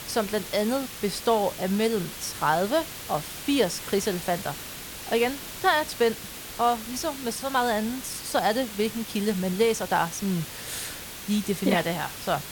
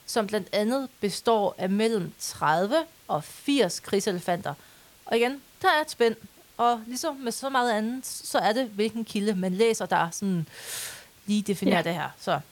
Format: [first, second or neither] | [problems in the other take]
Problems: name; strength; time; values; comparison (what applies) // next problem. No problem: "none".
second | hiss; loud; throughout; 10 dB below the speech; faint in the second